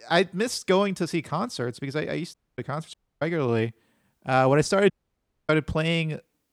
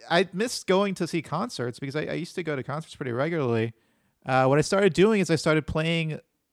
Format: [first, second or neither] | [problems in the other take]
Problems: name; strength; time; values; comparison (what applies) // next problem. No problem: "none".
second | audio cutting out; at 2.5 s, at 3 s and at 5 s for 0.5 s